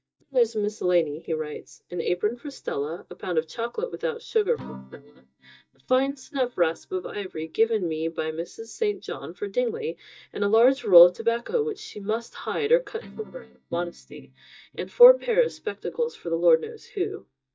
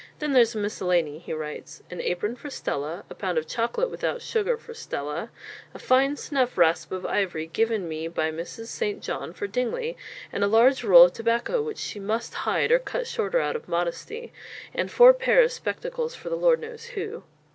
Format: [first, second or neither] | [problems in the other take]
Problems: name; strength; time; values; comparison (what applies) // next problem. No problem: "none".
second | noise reduction (neural mask model DeepFilterNet 3)